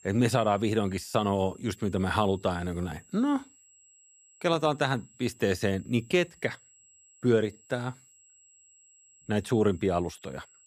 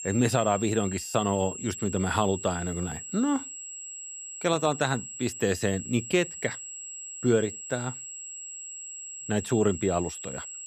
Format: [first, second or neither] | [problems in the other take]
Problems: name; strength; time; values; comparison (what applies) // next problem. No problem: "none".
first | high-pitched whine; loud; throughout; 7.5 kHz, 9 dB below the speech; faint in the first